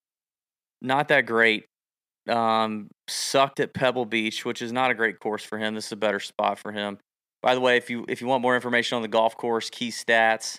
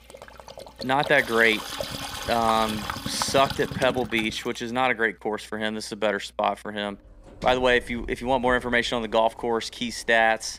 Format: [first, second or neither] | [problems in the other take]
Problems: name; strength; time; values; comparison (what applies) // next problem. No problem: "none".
first | household noises; noticeable; throughout; 10 dB below the speech